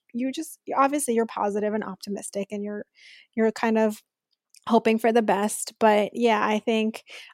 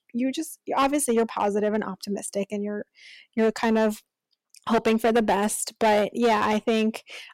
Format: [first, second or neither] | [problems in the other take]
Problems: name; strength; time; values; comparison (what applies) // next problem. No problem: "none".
first | distortion; slight; 5% of the sound clipped